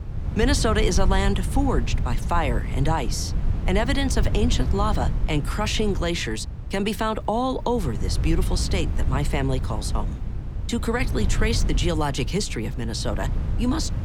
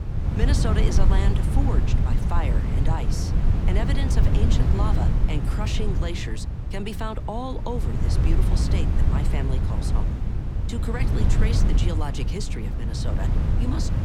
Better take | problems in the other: first | wind noise on the microphone; heavy; 2 dB below the speech; occasional gusts in the first

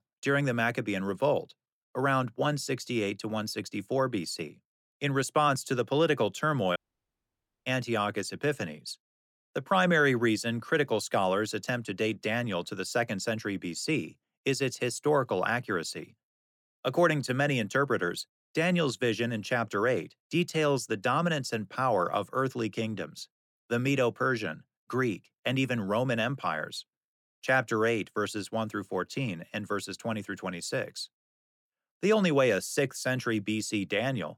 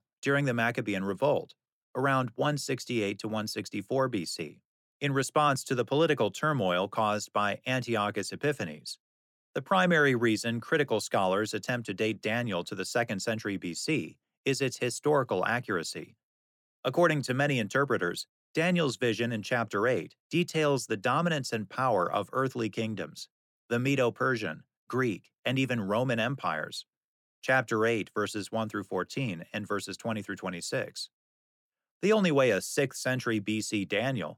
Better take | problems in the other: second | audio cutting out; at 7 s for 1 s

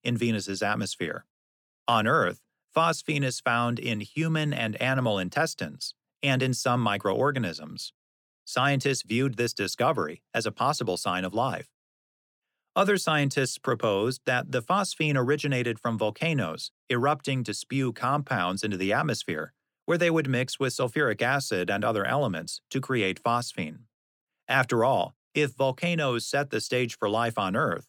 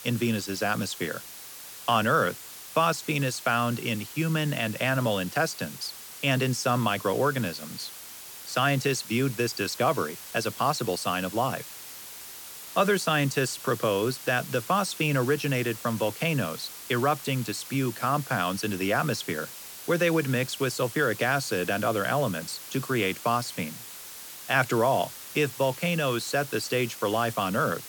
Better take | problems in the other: first | hiss; noticeable; throughout; 10 dB below the speech

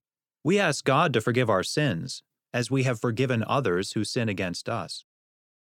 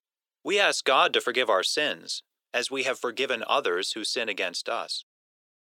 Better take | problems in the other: first | thin; very; fading below 400 Hz

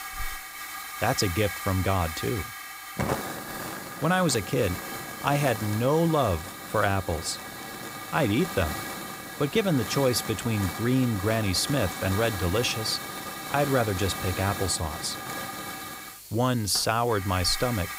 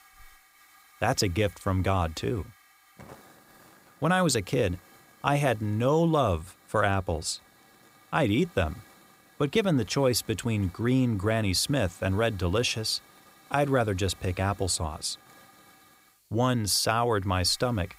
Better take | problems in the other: second | hiss; loud; throughout; 8 dB below the speech; faint in the second

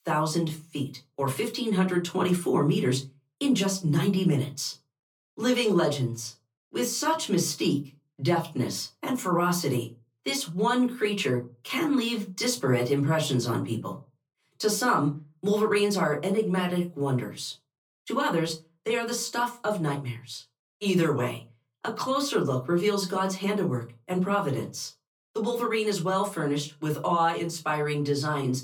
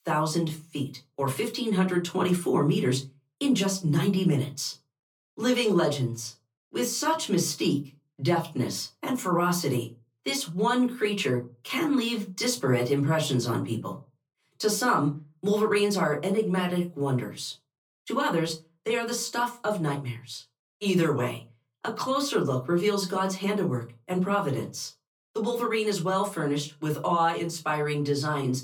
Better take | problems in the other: neither | off-mic speech; far; the same in both // room echo; very slight; dies away in 0.2 s; the same in both

